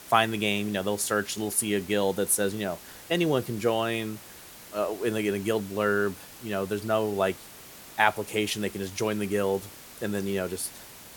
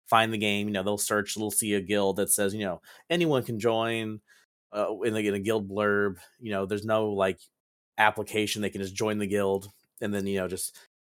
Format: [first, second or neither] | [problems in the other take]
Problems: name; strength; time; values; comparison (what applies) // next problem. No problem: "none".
second | hiss; noticeable; throughout; 15 dB below the speech